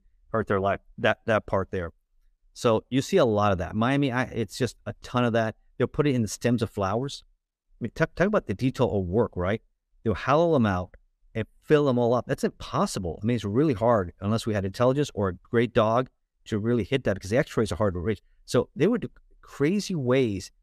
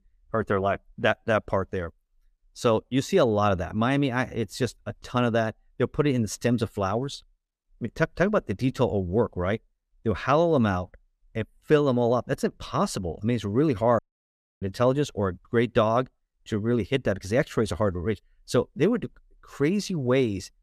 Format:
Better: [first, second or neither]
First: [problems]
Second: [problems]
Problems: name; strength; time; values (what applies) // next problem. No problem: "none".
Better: first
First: none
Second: audio cutting out; at 14 s for 0.5 s